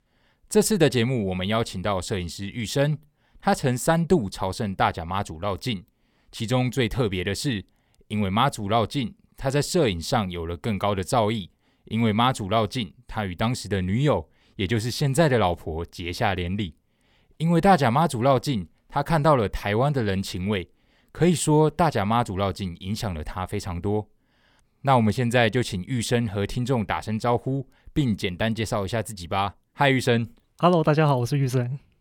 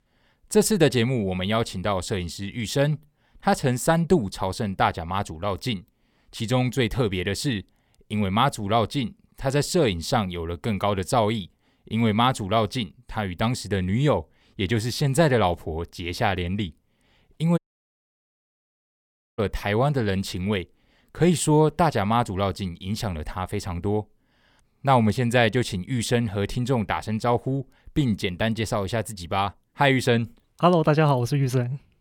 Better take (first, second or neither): first